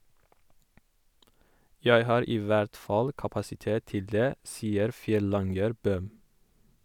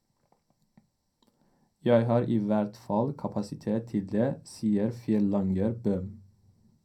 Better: first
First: none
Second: room echo; dies away in 0.2 s

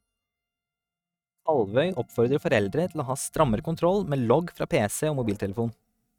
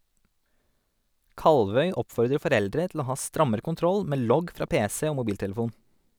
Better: second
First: noise reduction (neural mask model RNNoise)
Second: none

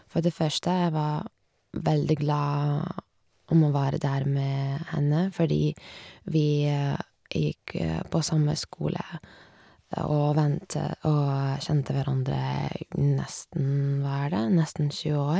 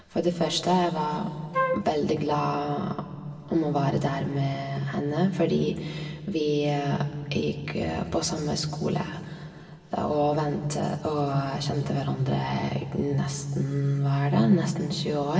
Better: first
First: none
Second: background sound (Wind instrument, woodwind instrument); 3 dB below the speech // room echo; dies away in 1.8 s

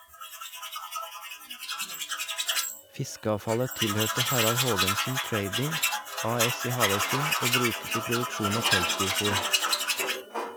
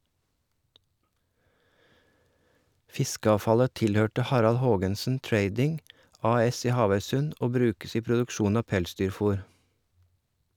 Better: second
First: background sound (Tools); 3 dB above the speech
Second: none

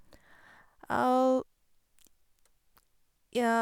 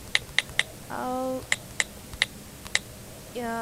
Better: first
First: none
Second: background sound (Typing); 5 dB above the speech

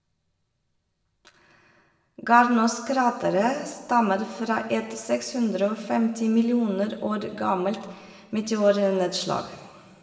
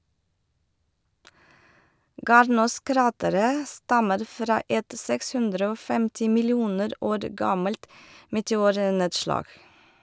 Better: second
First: room echo; dies away in 1.3 s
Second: none

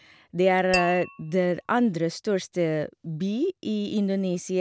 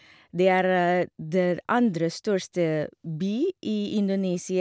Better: second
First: background sound (Tap / Glass); 10 dB below the speech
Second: none

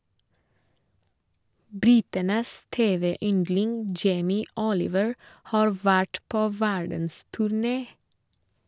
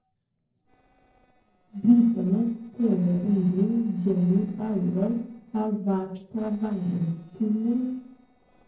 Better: first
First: none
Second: noise reduction (neural separator model SepFormer DNS4)

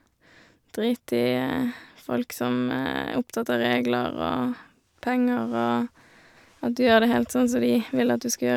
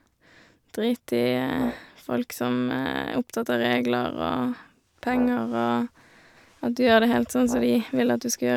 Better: first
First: none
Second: background sound (Brass instrument); 16 dB below the speech

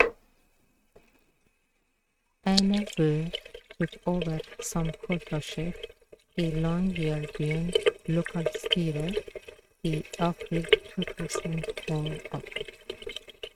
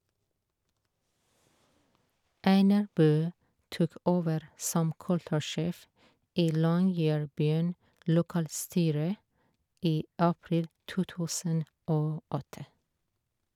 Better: second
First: noise reduction (neural mask model RNNoise)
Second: none

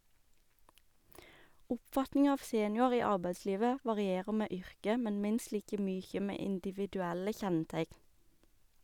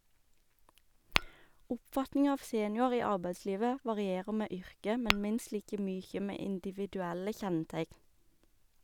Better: first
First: none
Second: background sound (Tap / Glass); 5 dB below the speech

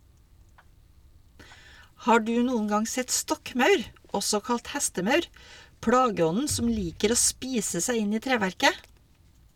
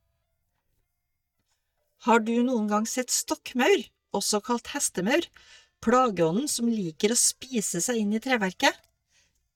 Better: first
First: none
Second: noise reduction (neural mask model DeepFilterNet 3)

